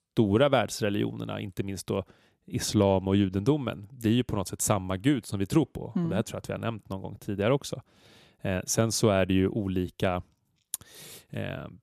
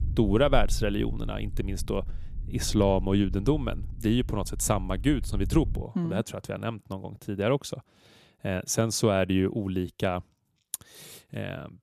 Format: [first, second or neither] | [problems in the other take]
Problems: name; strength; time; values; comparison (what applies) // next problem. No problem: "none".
first | low rumble; faint; until 6 s; 25 dB below the speech